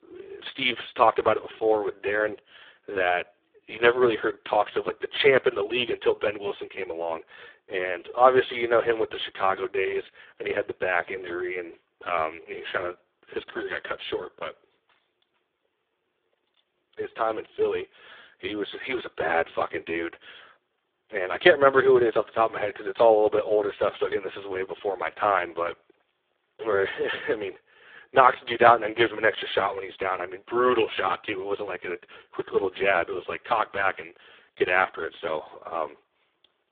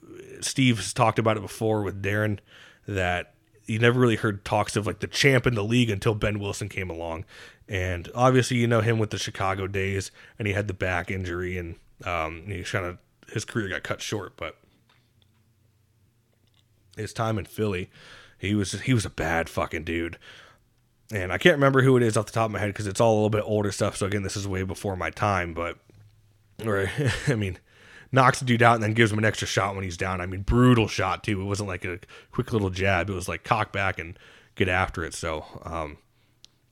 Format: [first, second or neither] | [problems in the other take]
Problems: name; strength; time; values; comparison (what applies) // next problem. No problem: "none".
second | phone-call audio; poor line